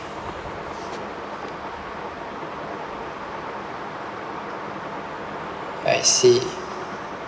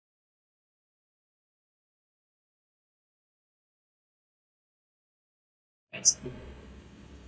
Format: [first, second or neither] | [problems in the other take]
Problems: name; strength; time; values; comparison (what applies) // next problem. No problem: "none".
first | noise reduction (neural mask model DeepFilterNet 3)